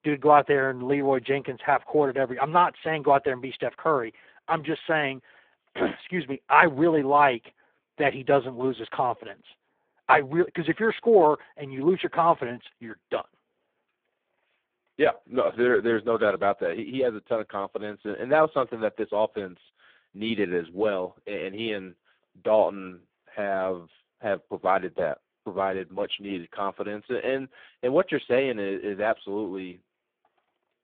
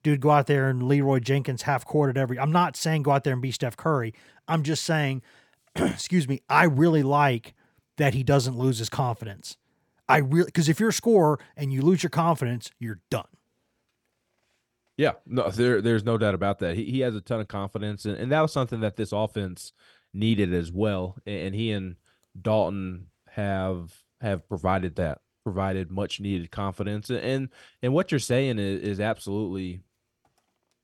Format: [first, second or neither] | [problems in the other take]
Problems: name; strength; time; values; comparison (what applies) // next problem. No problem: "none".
second | phone-call audio; poor line